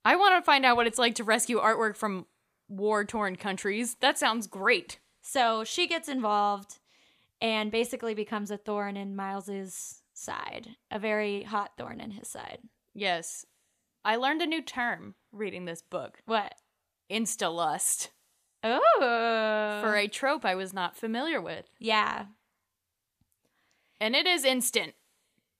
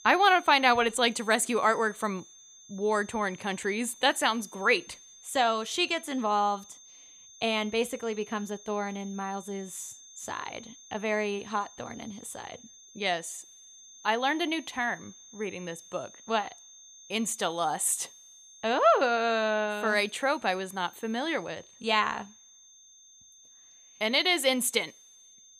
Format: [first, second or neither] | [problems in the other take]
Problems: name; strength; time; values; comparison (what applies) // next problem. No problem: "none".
first | high-pitched whine; faint; throughout; 6.5 kHz, 20 dB below the speech